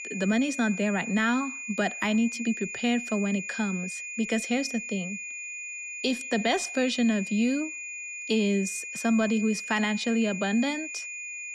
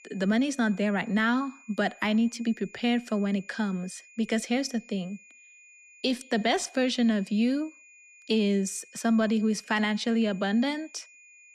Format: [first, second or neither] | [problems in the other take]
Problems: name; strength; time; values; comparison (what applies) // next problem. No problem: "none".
second | high-pitched whine; loud; throughout; 2.5 kHz, 7 dB below the speech; faint in the second